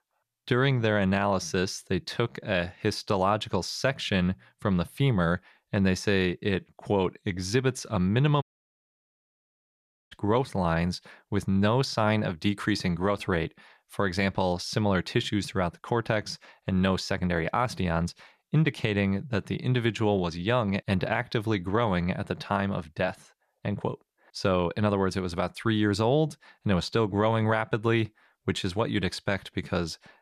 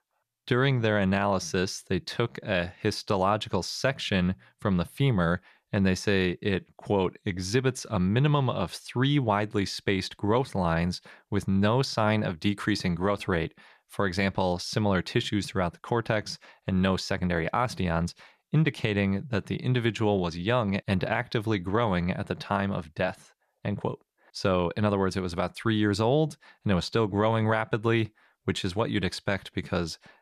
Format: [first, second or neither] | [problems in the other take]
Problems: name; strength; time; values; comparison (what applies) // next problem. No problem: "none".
second | audio cutting out; at 8.5 s for 1.5 s